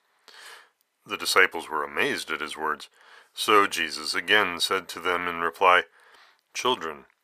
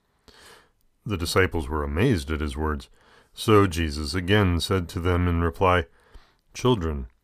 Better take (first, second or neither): second